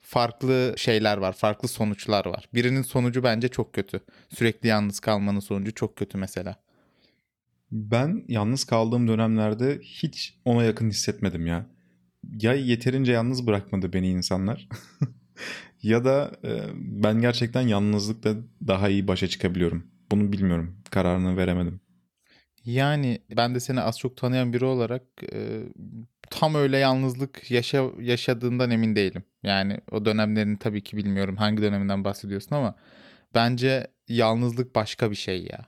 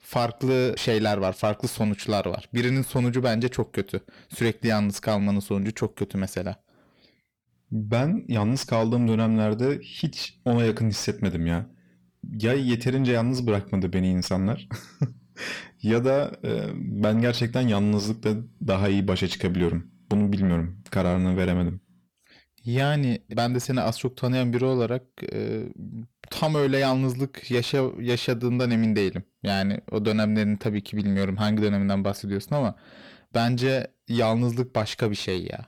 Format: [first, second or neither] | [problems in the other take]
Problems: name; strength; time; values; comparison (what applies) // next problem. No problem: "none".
first | distortion; slight; 10 dB below the speech